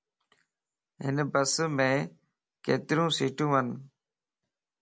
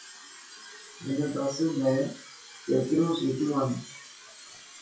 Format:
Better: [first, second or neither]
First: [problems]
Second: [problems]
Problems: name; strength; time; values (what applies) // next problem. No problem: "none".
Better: first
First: none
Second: noise reduction (classical method WPE with log-MMSE)